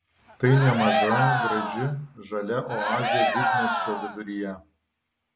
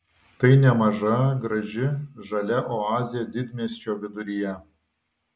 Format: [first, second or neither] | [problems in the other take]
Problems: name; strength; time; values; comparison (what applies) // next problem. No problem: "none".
second | background sound (Cheering); 1 dB above the speech